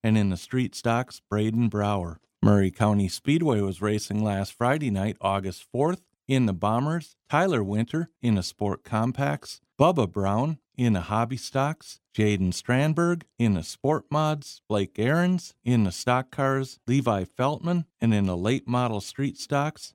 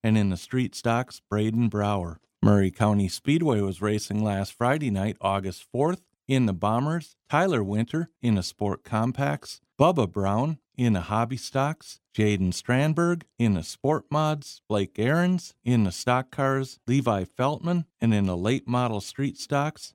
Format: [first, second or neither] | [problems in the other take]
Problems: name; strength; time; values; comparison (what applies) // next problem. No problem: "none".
neither | none